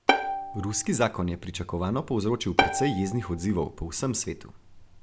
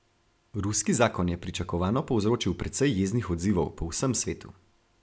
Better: second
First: background sound (Bowed string instrument); 3 dB below the speech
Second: none

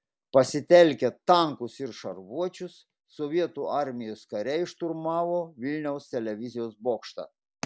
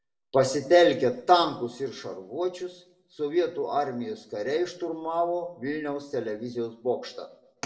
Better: first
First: none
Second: room echo; dies away in 0.5 s

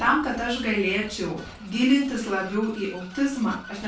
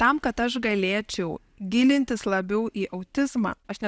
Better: second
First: background sound (Vehicle); 19 dB below the speech // room echo; dies away in 0.3 s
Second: none

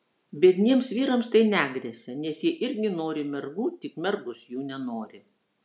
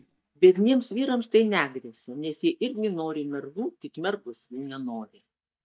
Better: first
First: none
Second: noise reduction (neural mask model DeepFilterNet 3)

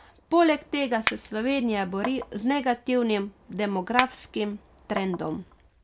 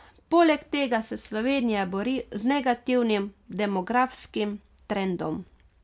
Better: second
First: background sound (Chink, clink); 11 dB below the speech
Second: none

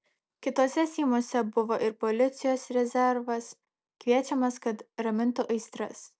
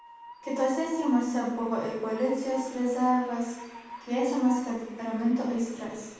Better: first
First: none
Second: background sound (Train); 17 dB below the speech // room echo; dies away in 1.2 s

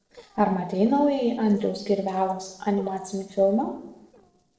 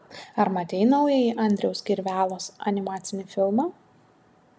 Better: second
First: noise reduction (neural separator model SepFormer DNS4)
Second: none

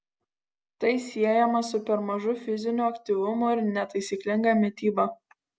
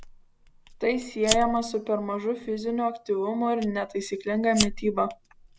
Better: first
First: none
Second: background sound (Fire); 9 dB below the speech

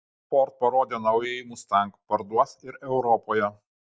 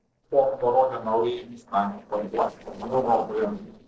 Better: first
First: none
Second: noise reduction (neural separator model SepFormer DNS4)

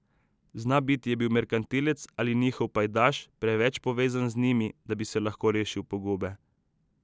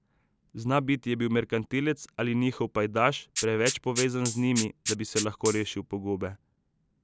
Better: first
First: none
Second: background sound (Rattle (instrument)); 7 dB below the speech

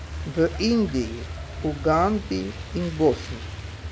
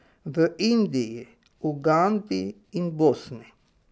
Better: second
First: background sound (Truck); 9 dB below the speech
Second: none

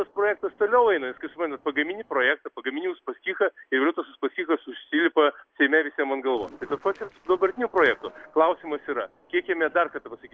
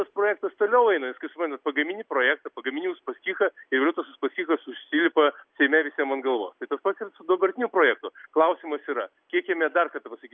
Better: second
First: noise reduction (neural separator model SepFormer DNS4)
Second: none

